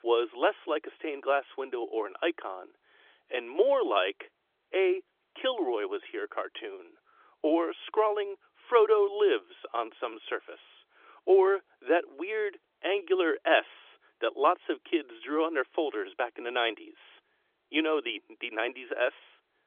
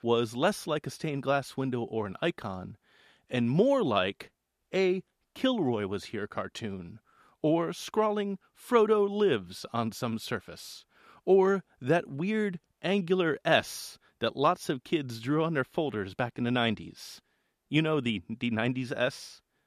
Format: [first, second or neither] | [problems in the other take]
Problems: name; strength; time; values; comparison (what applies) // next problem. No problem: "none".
second | phone-call audio; nothing above 3.5 kHz